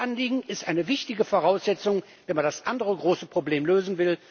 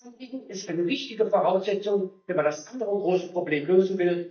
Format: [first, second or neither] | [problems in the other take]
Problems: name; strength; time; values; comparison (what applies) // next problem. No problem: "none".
first | noise reduction (neural mask model DeepFilterNet 3)